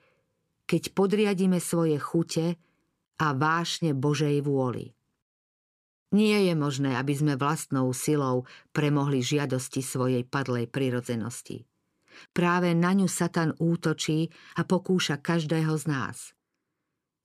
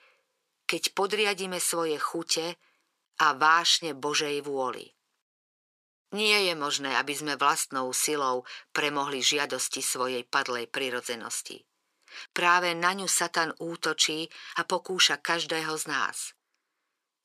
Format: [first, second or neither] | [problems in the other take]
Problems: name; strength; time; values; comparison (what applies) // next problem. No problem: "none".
first | thin; very; fading below 650 Hz